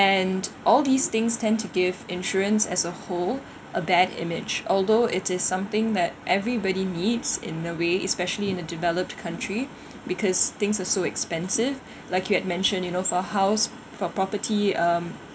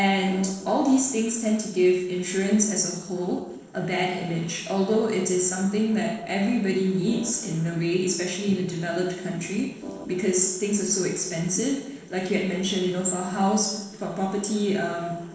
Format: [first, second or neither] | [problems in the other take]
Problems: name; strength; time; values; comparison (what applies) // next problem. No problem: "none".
first | noise reduction (neural separator model SepFormer DNS4)